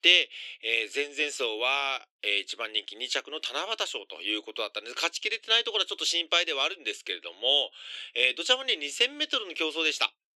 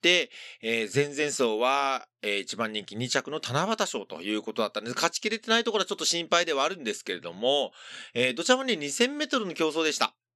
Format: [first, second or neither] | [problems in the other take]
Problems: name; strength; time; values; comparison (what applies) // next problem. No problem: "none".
second | thin; somewhat; fading below 300 Hz